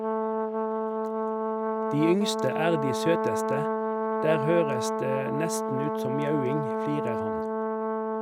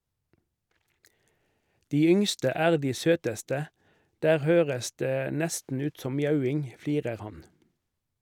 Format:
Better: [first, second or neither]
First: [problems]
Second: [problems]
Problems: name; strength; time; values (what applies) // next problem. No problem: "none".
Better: second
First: background sound (Brass instrument); 2 dB above the speech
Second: none